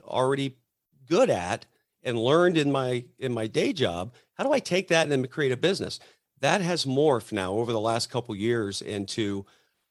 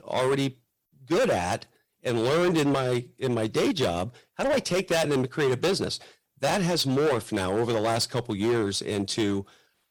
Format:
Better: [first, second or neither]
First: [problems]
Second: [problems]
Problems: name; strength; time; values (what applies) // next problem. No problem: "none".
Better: first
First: none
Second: distortion; heavy; 13% of the sound clipped